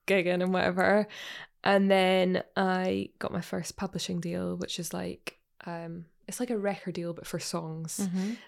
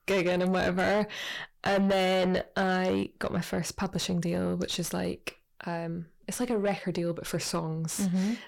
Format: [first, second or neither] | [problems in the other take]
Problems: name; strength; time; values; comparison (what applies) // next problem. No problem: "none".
first | distortion; heavy; 6 dB below the speech